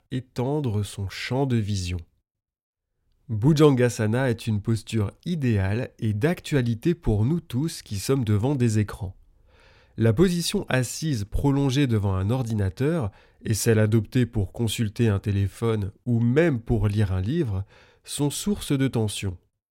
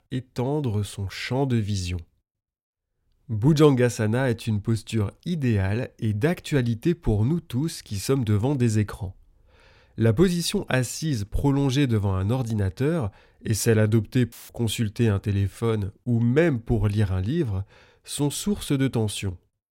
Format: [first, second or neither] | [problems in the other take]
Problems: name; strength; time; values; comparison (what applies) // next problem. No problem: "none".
first | audio cutting out; filled with static; at 14 s